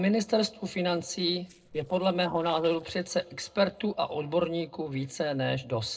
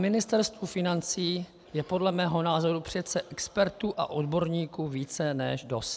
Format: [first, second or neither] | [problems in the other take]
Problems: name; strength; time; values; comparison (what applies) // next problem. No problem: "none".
second | noise reduction (neural separator model SepFormer DNS4)